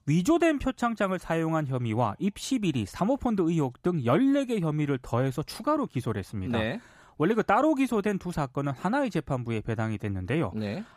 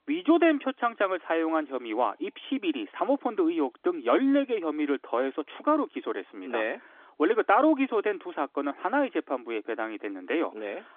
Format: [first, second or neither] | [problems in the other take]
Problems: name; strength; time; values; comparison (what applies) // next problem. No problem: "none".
first | phone-call audio; nothing above 3.5 kHz